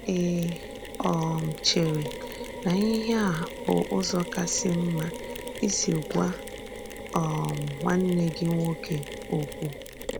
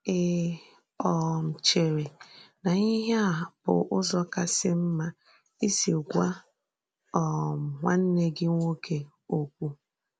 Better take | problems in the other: second | background sound (Mechanisms); 10 dB below the speech

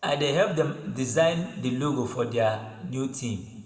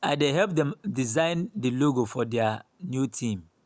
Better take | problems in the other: second | room echo; dies away in 1.7 s

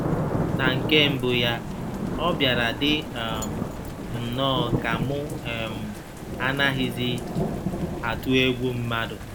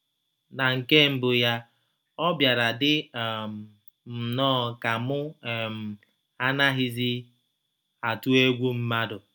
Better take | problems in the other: second | background sound (Thunder / Rain); 3 dB below the speech

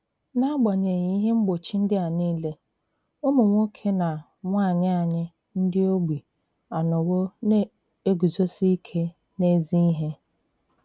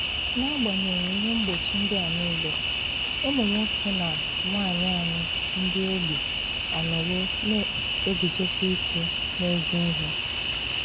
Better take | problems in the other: first | background sound (Cricket); 2 dB above the speech

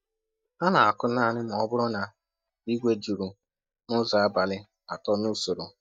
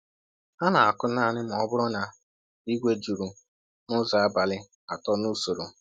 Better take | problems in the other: second | noise reduction (neural mask model DeepFilterNet 3)

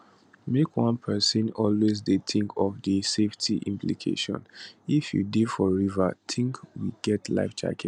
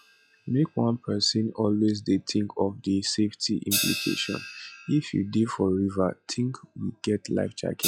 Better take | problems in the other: first | noise reduction (classical method log-MMSE)

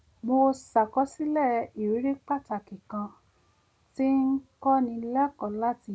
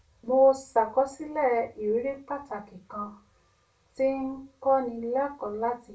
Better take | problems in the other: first | room echo; dies away in 0.3 s

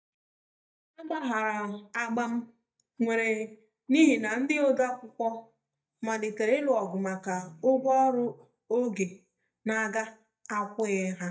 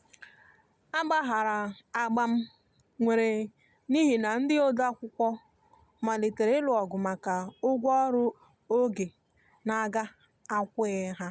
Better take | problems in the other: second | noise reduction (neural mask model DeepFilterNet 3)

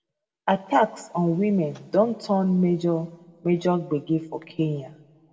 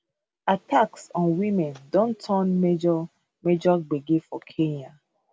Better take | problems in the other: second | room echo; dies away in 1.1 s

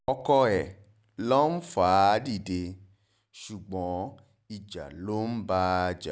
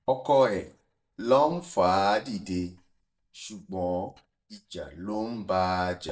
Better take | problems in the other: first | noise reduction (neural mask model DeepFilterNet 3)

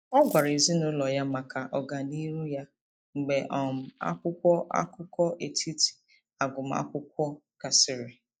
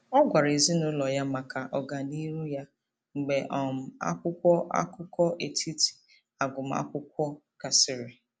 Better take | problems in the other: second | noise reduction (neural mask model DeepFilterNet 3)

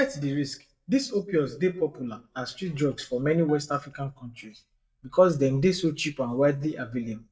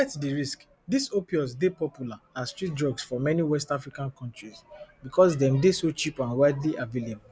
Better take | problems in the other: second | noise reduction (neural mask model DeepFilterNet 3)

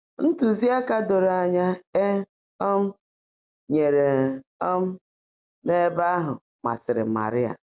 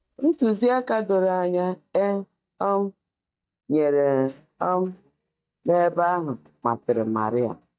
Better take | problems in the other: first | noise reduction (neural mask model DeepFilterNet 3)

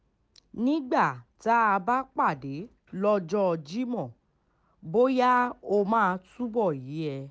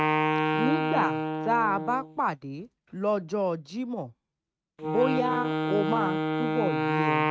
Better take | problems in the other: first | noise reduction (neural mask model RNNoise)

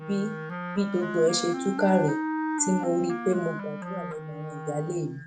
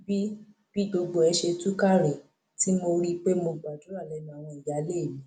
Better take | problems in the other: second | background sound (Wind instrument, woodwind instrument); 5 dB below the speech

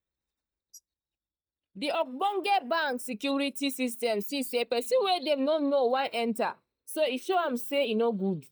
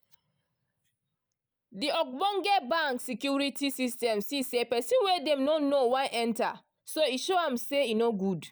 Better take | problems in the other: second | noise reduction (neural mask model DeepFilterNet 3)

